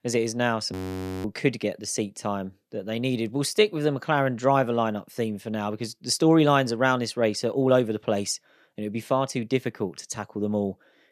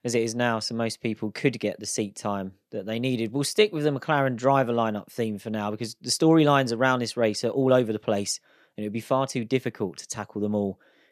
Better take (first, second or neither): second